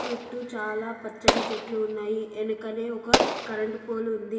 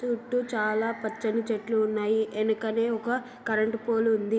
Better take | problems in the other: second | background sound (Explosion); 1 dB above the speech // room echo; dies away in 2.3 s

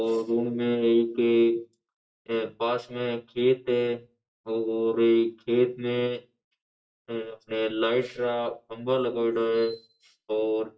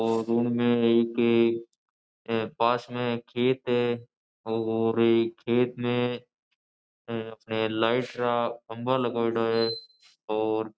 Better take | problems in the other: second | room echo; dies away in 0.2 s

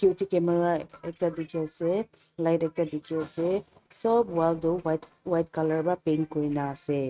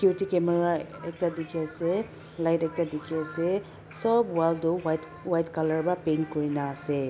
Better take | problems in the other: second | noise reduction (neural mask model RNNoise)

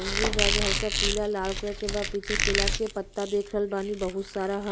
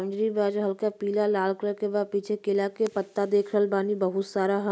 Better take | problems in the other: second | background sound (Squeak); as loud as the speech

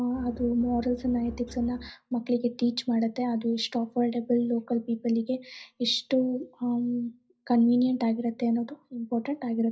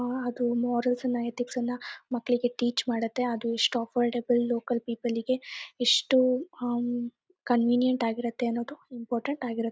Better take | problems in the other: second | background sound (Bowed string instrument); 15 dB below the speech // room echo; dies away in 0.5 s

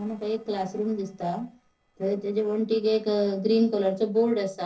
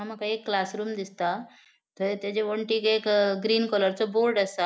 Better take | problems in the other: second | noise reduction (neural separator model SepFormer DNS4)

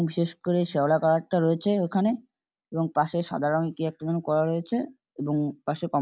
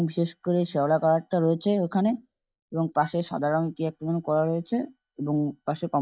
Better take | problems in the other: first | noise reduction (neural mask model DeepFilterNet 3)

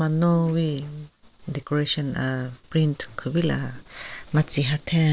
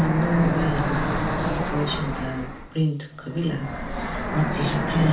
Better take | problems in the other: first | background sound (Fixed-wing aircraft, airplane); as loud as the speech // room echo; dies away in 0.4 s

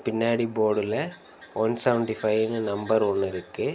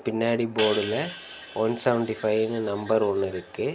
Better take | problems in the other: first | background sound (Hi-hat); 14 dB below the speech

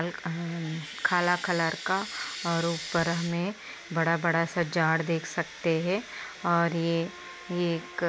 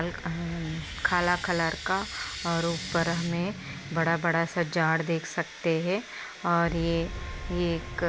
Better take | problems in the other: first | background sound (Strum + Boom); 13 dB below the speech

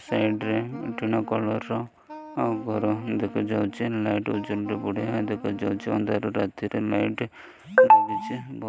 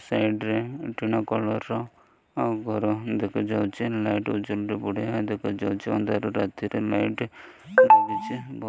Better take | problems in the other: second | background sound (Wind instrument, woodwind instrument); 16 dB below the speech

